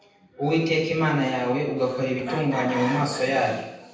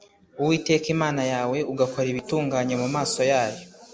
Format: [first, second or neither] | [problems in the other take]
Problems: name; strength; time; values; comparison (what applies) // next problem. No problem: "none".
second | background sound (Chicken, rooster); 12 dB below the speech // room echo; dies away in 0.9 s